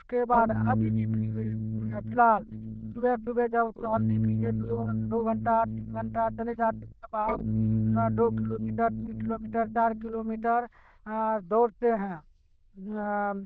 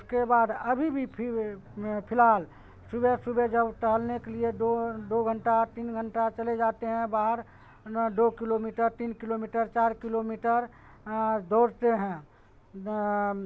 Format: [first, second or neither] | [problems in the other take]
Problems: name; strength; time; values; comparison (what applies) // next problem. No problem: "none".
second | noise reduction (neural diffusion model UNIVERSE++)